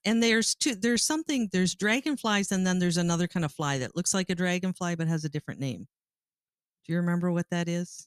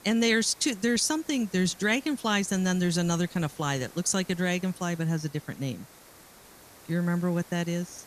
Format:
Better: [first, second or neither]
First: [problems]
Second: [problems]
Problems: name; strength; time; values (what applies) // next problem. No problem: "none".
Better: first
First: none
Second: hiss; faint; throughout; 20 dB below the speech